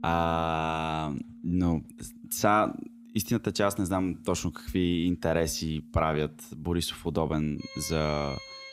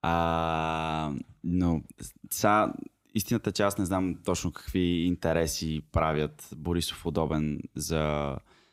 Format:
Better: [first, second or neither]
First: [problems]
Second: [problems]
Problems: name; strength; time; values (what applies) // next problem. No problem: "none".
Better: second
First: background music; noticeable; throughout; 20 dB below the speech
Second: none